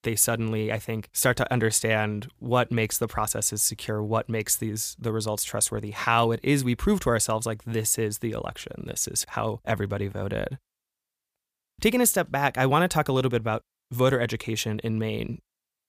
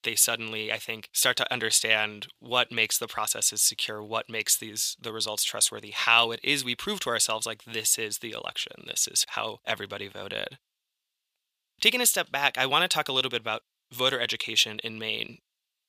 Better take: first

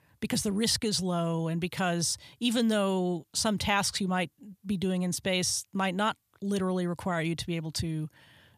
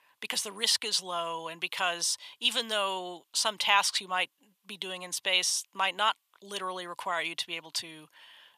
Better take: first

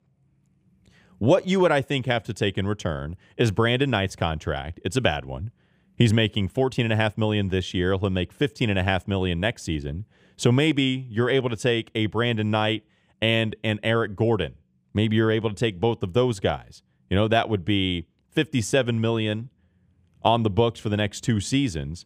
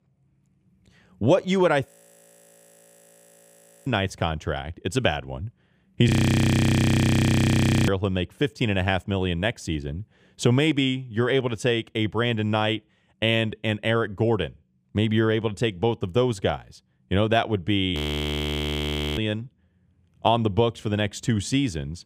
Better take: first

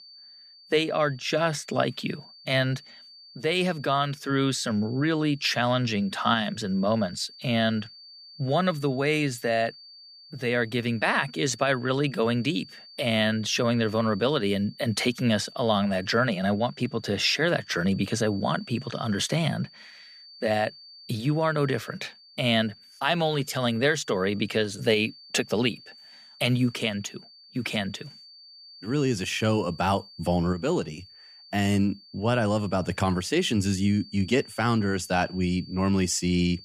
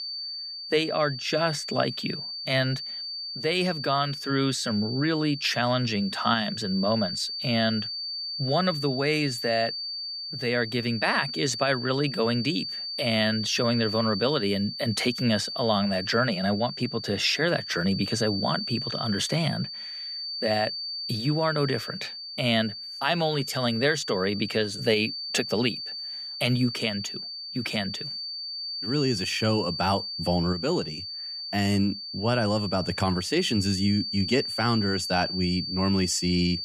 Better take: first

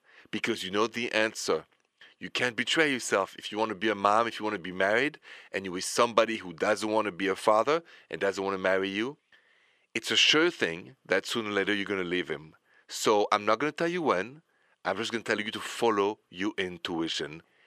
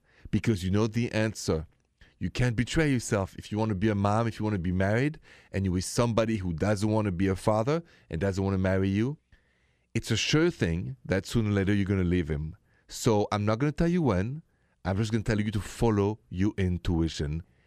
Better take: second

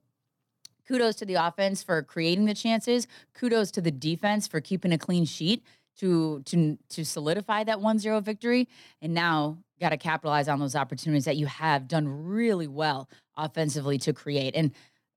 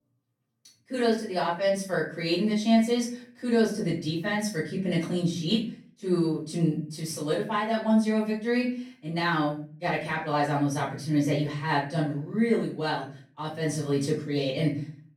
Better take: first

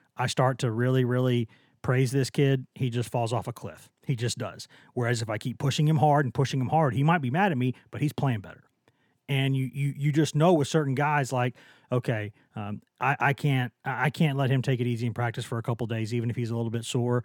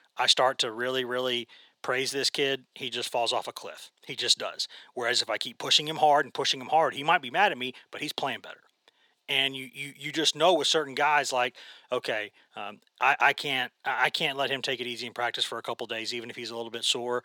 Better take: first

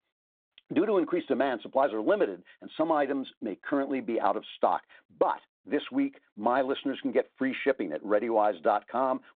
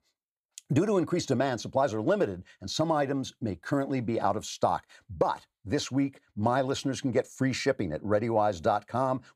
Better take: second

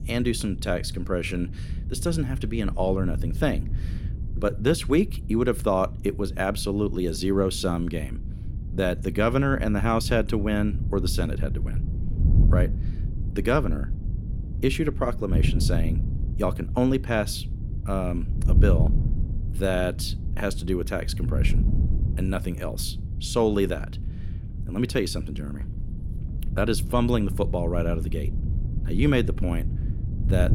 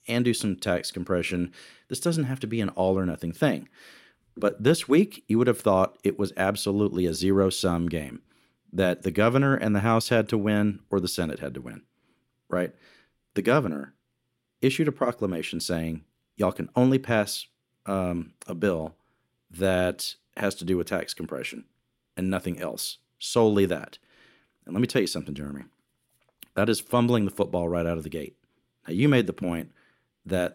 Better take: second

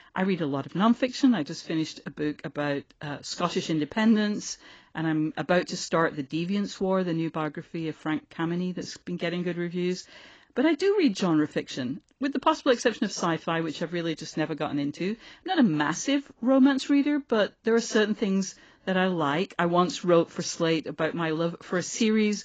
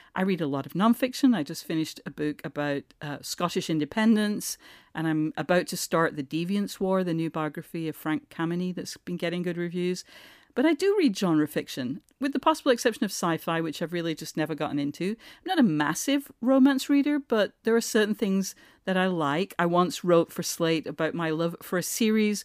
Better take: second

